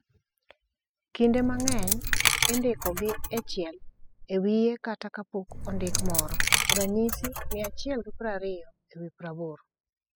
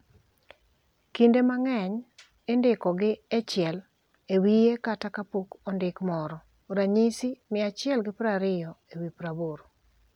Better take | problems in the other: second | noise reduction (classical method spectral subtraction)

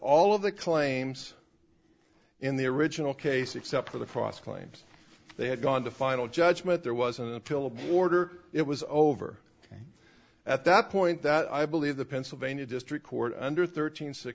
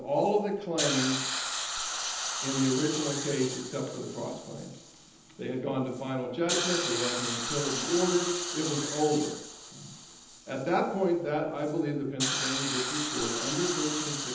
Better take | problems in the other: first | background sound (Hiss); 4 dB below the speech // room echo; dies away in 0.9 s

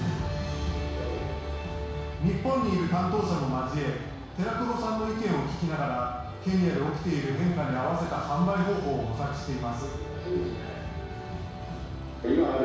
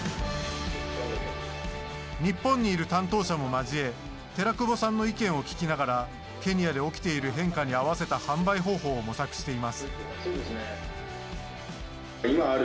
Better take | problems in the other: second | background sound (Motorcycle); 16 dB below the speech // room echo; dies away in 1.1 s

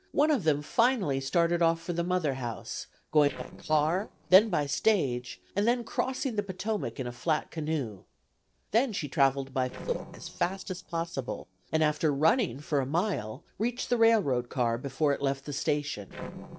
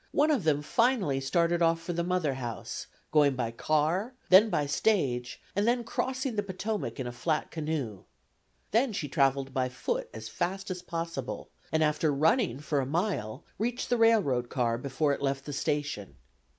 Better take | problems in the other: second | noise reduction (neural separator model SepFormer DNS4)

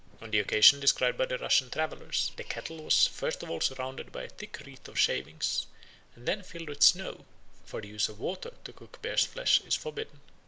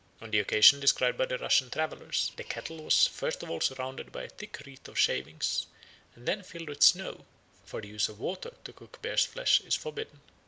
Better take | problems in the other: second | background sound (Livestock, farm animals, working animals); 14 dB below the speech

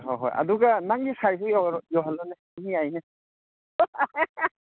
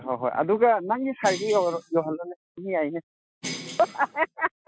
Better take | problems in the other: first | noise reduction (classical method Wiener filter)

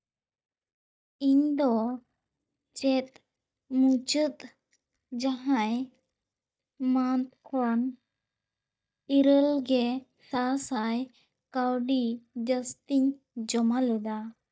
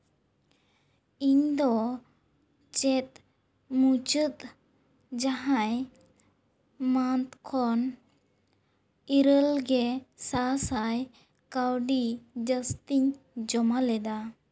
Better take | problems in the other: second | noise reduction (neural mask model DeepFilterNet 3)

